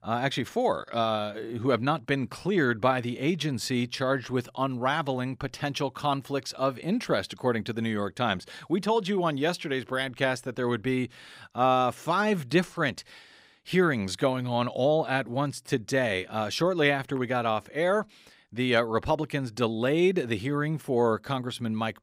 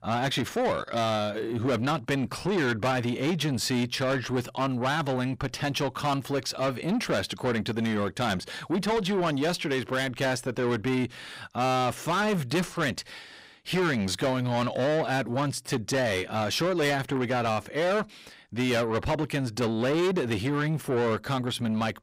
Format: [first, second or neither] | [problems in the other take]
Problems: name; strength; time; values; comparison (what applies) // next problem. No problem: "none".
first | distortion; heavy; 8 dB below the speech